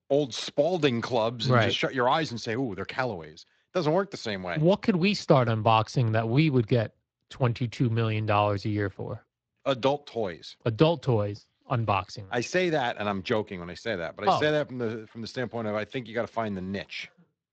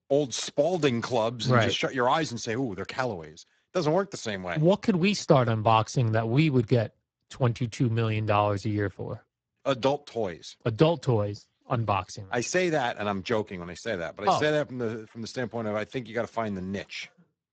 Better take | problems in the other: first | garbled, watery; badly; nothing above 7.5 kHz; slightly in the first

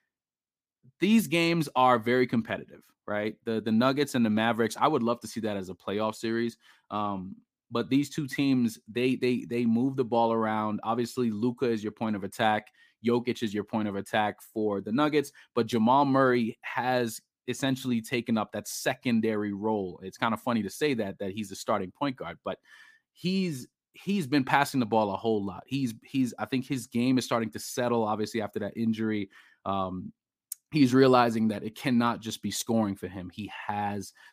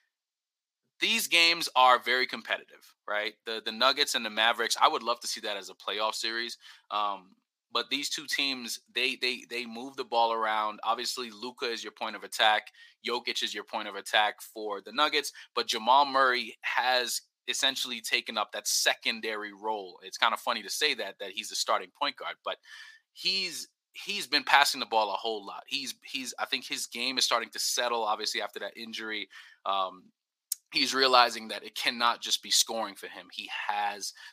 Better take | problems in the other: first | thin; very; fading below 750 Hz

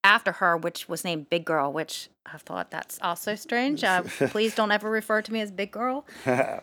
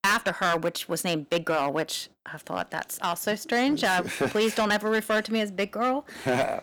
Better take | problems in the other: first | distortion; heavy; 9% of the sound clipped

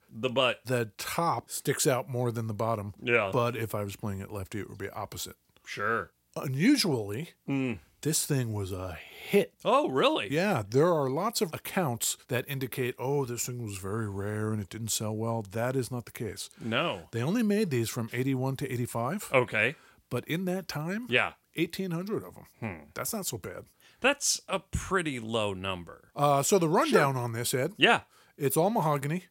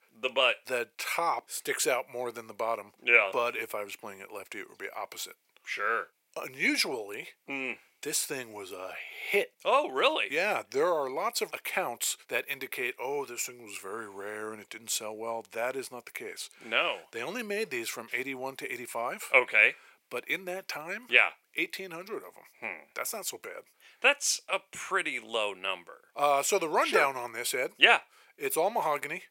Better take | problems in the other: first | thin; very; fading below 550 Hz

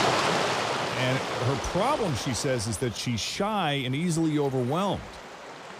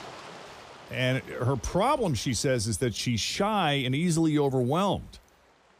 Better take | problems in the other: second | rain or running water; loud; throughout; 2 dB below the speech; faint in the second

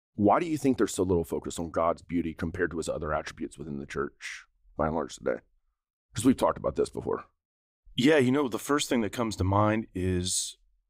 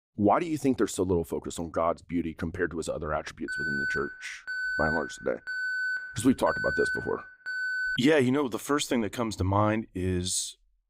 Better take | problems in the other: first | alarm; noticeable; from 3.5 to 8 s; peak level with the speech

